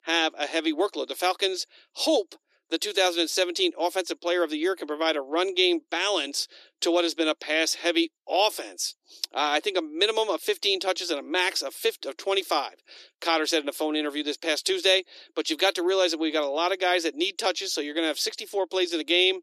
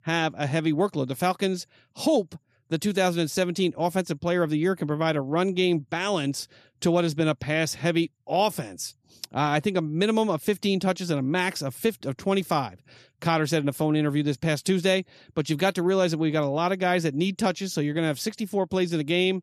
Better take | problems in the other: second | thin; very; fading below 300 Hz

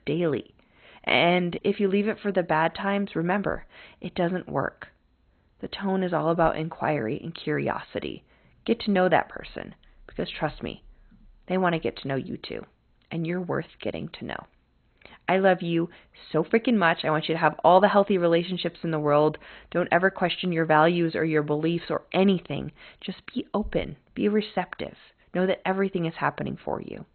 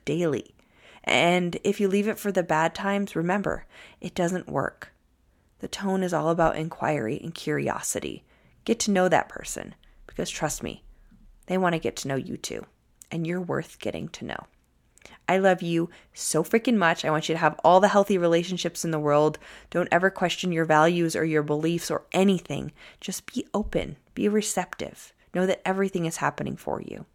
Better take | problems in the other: second | garbled, watery; badly; nothing above 4 kHz

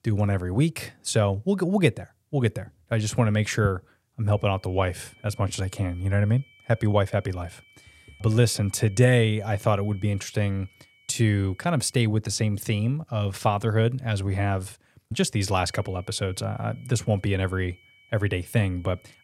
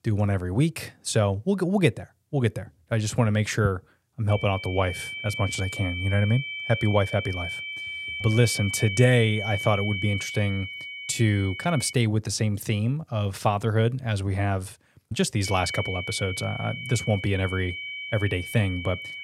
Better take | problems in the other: first | high-pitched whine; loud; from 4.5 to 12 s and from 15 s on; 2.5 kHz, 7 dB below the speech; faint in the first

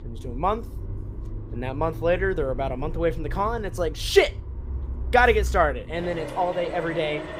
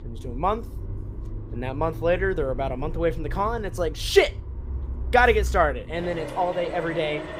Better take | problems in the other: neither | traffic noise; loud; throughout; 9 dB below the speech; the same in both

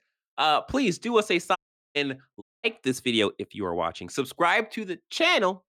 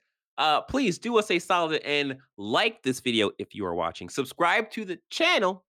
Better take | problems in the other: second | audio cutting out; at 1.5 s and at 2.5 s

